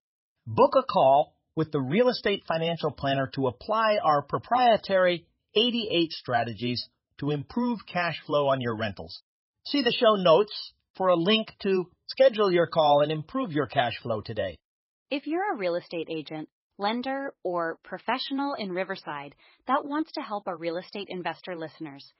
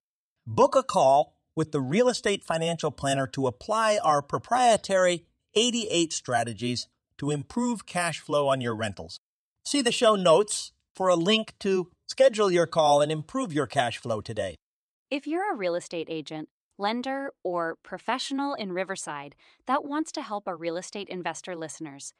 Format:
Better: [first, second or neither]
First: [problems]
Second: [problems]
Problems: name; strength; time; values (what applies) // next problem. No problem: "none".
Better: second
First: garbled, watery; badly; nothing above 5.5 kHz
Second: none